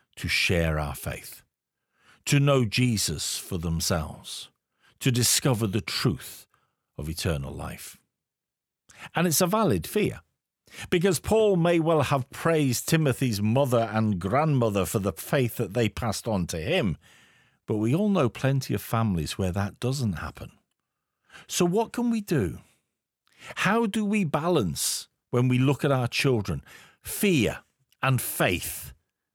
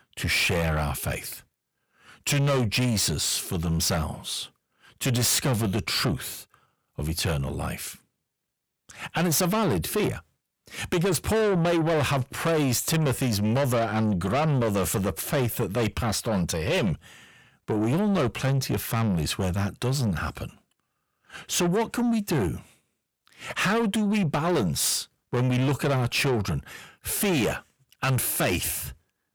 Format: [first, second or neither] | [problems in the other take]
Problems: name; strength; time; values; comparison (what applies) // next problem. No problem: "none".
first | distortion; heavy; 7 dB below the speech